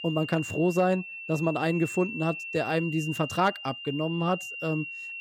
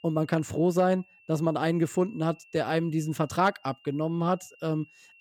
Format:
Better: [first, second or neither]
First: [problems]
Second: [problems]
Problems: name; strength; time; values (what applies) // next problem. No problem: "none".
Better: second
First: high-pitched whine; loud; throughout; 2.5 kHz, 8 dB below the speech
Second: high-pitched whine; faint; throughout; 2.5 kHz, 25 dB below the speech